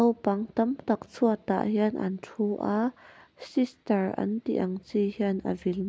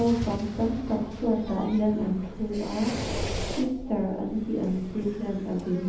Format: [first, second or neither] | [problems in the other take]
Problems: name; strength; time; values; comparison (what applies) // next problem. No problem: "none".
first | background sound (Fireworks); 8 dB below the speech // room echo; dies away in 0.8 s